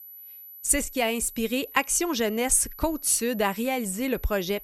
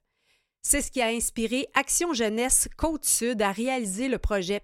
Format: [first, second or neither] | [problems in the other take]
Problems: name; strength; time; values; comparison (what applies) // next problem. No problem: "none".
second | high-pitched whine; noticeable; throughout; 12 kHz, 15 dB below the speech